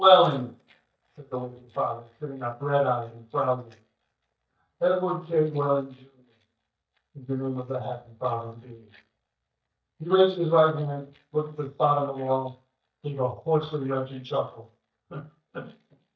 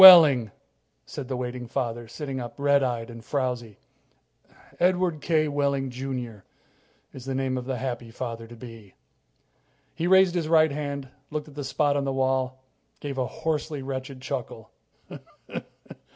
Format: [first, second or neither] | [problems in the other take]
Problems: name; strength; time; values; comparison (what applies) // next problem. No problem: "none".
second | noise reduction (neural mask model DeepFilterNet 3)